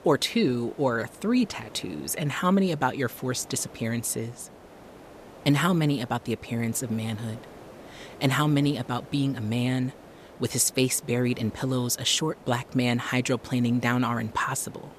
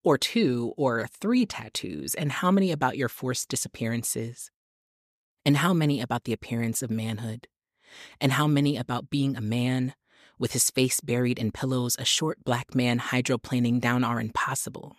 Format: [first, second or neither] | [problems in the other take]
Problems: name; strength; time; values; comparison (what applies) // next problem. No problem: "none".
second | hiss; faint; throughout; 20 dB below the speech